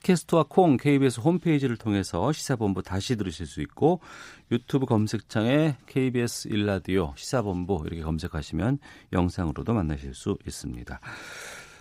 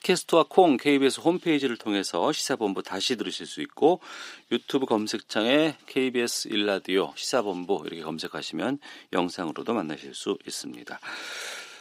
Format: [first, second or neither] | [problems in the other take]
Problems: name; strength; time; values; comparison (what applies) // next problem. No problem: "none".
first | thin; very slightly; fading below 300 Hz